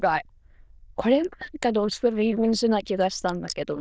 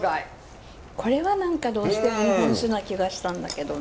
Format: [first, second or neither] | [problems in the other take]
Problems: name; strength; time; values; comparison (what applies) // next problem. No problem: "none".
second | noise reduction (neural diffusion model UNIVERSE++)